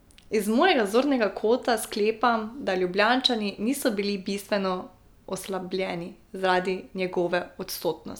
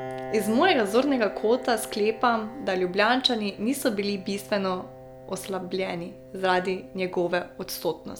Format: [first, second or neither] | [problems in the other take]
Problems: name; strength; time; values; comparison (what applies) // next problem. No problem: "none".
first | background sound (Piano); 15 dB below the speech